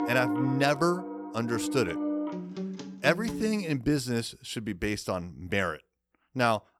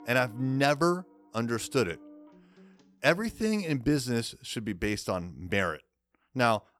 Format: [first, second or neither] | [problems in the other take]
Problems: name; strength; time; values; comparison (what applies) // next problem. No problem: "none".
second | background music; loud; until 3.5 s; 5 dB below the speech; faint in the second